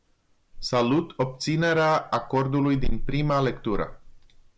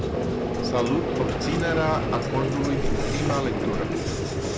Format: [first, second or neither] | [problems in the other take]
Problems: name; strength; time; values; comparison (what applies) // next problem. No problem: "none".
first | background sound (Vehicle); 2 dB above the speech